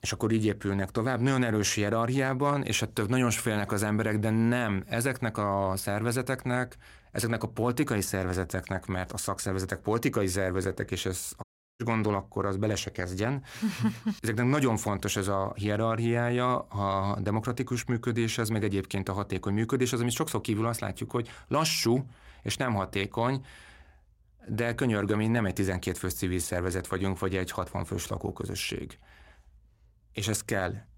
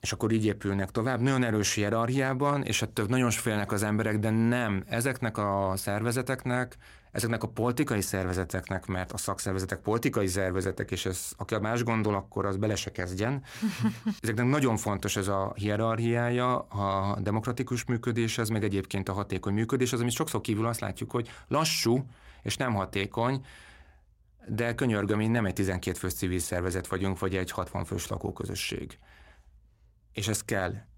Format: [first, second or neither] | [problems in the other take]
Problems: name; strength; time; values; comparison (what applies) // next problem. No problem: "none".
second | audio cutting out; at 11 s